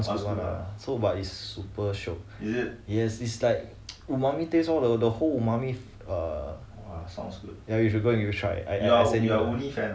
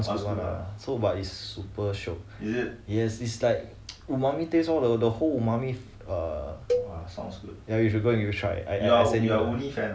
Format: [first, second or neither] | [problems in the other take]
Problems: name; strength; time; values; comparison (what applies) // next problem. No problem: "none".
first | background sound (Cowbell); 7 dB below the speech